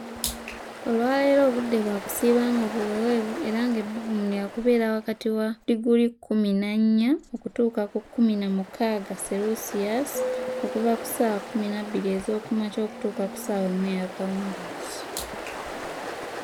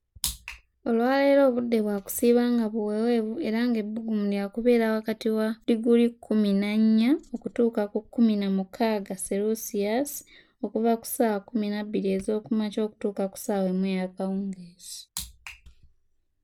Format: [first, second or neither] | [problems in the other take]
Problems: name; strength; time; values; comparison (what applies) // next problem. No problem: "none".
second | background sound (Ocean); 11 dB below the speech